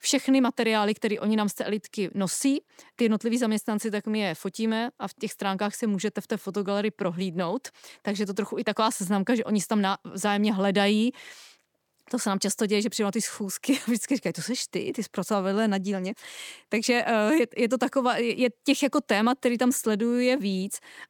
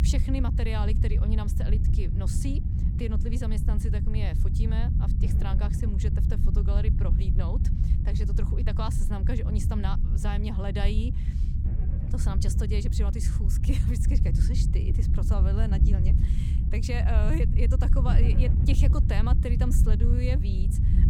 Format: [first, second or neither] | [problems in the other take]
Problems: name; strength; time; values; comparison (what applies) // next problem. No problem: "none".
first | low rumble; loud; throughout; 3 dB below the speech